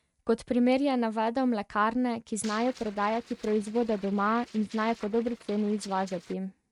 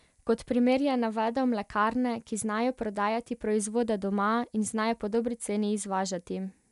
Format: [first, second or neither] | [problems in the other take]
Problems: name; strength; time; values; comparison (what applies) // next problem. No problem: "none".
second | noise reduction (neural mask model RNNoise)